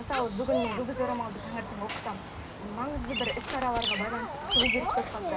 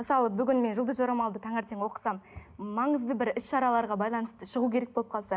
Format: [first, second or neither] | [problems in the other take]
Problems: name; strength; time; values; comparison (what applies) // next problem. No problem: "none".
second | background sound (Bird vocalization, bird call, bird song); as loud as the speech // room echo; dies away in 0.2 s